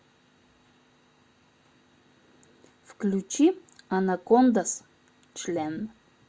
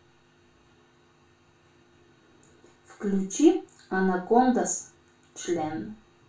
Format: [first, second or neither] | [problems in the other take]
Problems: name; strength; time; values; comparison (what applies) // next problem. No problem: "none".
first | room echo; dies away in 0.3 s